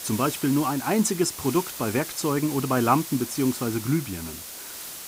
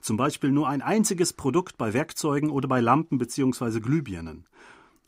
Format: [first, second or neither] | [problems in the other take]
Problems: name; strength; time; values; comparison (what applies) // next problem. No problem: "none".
second | hiss; loud; throughout; 9 dB below the speech